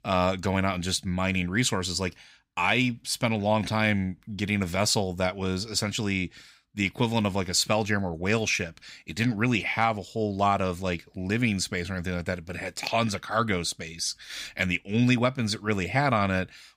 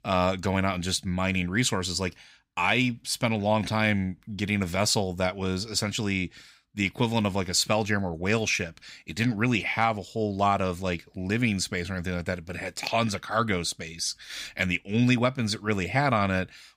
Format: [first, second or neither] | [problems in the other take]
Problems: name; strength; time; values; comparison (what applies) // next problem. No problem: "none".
neither | none